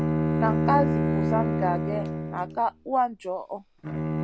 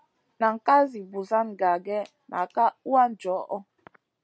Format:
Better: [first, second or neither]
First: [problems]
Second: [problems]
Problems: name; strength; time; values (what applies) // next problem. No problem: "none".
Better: second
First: background sound (Bowed string instrument); 2 dB above the speech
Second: none